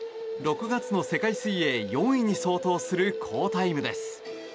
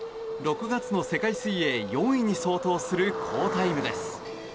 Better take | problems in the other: first | background sound (Cricket); 12 dB below the speech

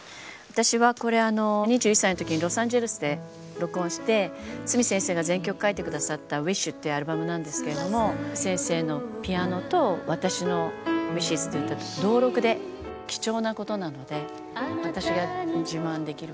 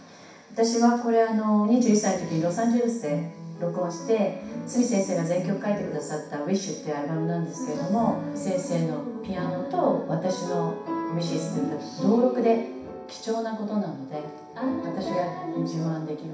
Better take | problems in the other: first | room echo; dies away in 0.6 s

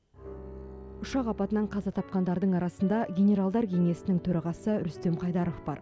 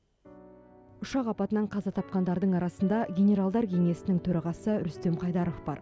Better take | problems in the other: second | background sound (Bowed string instrument); 16 dB below the speech

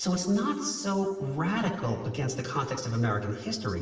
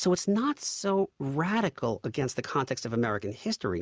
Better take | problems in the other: second | room echo; dies away in 1.3 s

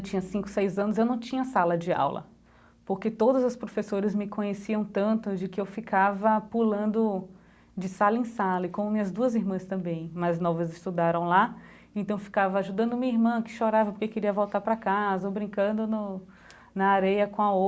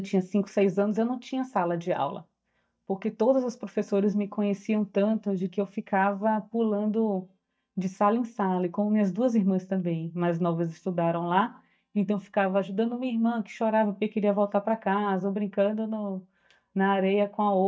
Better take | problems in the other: first | noise reduction (neural mask model DeepFilterNet 3)

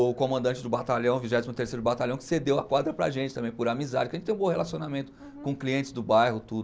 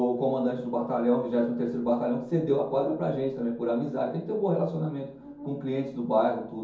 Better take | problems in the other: first | room echo; dies away in 0.6 s

